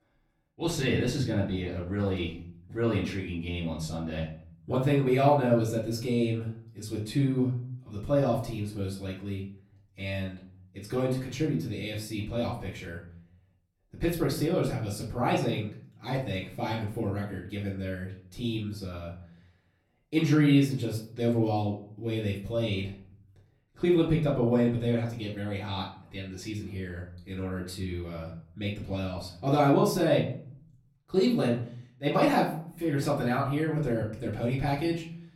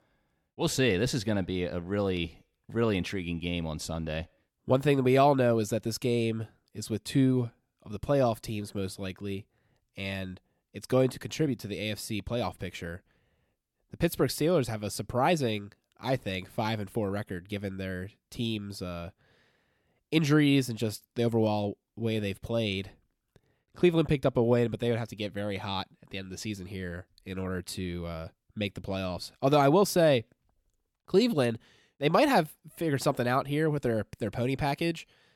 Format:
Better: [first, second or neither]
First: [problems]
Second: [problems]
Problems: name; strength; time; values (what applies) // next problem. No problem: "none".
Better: second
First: room echo; slight; dies away in 0.5 s // off-mic speech; far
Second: none